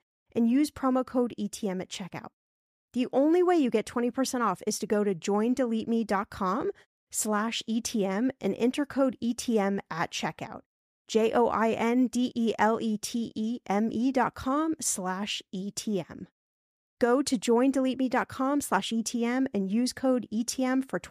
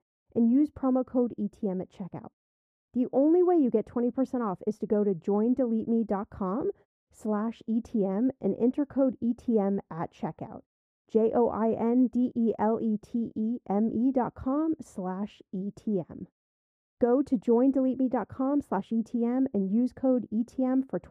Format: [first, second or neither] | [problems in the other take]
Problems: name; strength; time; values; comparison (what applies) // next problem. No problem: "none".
first | muffled; very; fading above 1.5 kHz